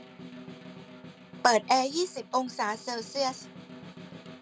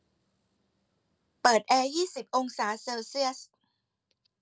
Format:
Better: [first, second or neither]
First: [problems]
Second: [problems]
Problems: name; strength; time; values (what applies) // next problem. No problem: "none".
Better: second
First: background sound (Snare drum); 16 dB below the speech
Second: none